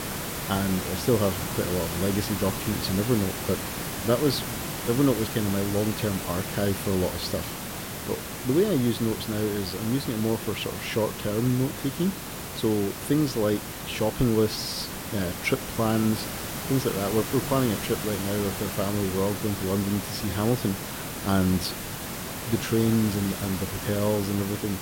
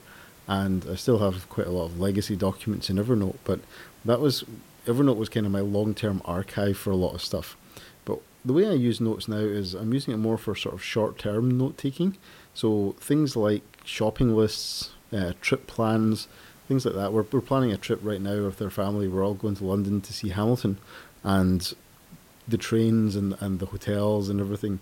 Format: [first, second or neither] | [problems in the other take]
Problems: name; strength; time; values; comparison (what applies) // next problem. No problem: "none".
second | hiss; loud; throughout; 5 dB below the speech; faint in the second